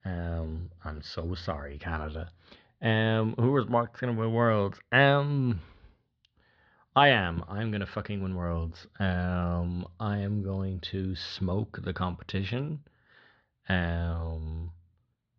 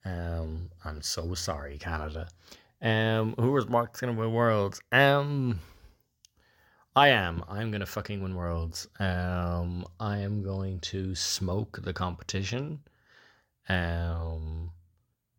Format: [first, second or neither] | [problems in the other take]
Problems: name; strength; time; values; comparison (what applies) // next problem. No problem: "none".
second | muffled; slightly; fading above 4 kHz